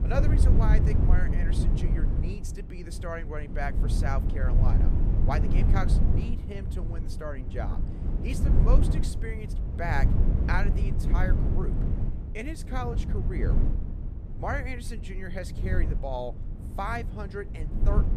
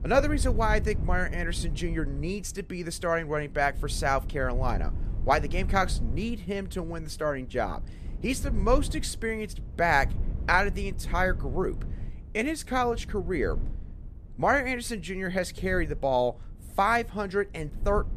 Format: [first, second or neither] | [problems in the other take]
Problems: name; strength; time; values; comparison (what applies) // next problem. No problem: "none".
second | low rumble; loud; throughout; 5 dB below the speech; faint in the second